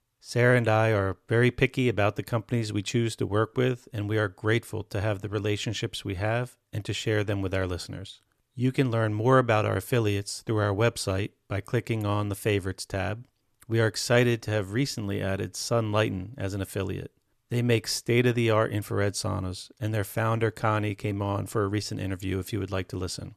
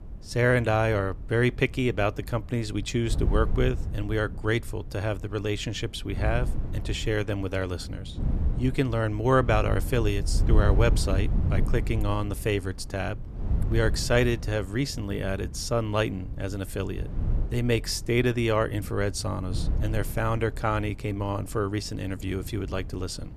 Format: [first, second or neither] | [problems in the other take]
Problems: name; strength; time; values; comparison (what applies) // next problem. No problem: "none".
first | wind noise on the microphone; occasional gusts; 15 dB below the speech